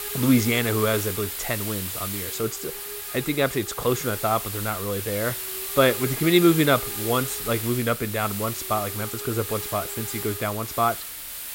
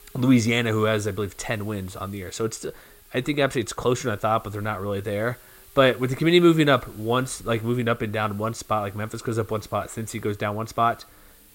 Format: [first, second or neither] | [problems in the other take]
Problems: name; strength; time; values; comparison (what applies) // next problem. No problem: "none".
second | hiss; loud; throughout; 5 dB below the speech; faint in the second